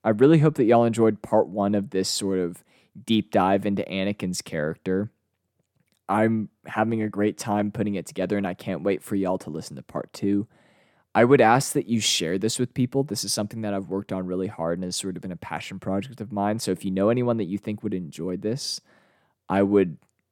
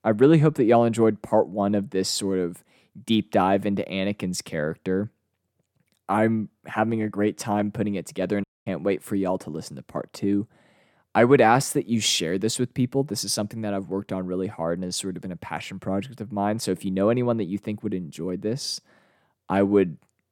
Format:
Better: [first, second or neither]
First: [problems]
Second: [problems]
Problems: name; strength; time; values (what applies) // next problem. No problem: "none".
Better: first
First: none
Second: audio cutting out; at 8.5 s